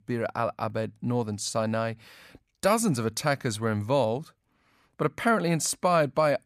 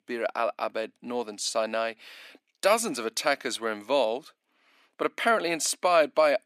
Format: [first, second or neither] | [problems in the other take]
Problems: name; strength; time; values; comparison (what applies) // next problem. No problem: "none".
first | thin; somewhat; fading below 300 Hz